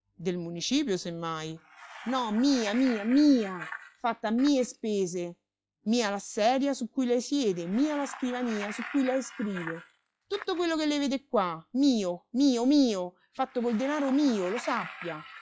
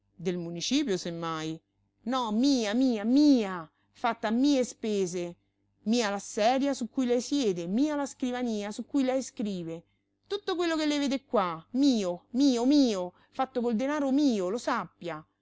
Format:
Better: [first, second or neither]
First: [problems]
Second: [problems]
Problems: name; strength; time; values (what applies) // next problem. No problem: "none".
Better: second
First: noise reduction (classical method log-MMSE)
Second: none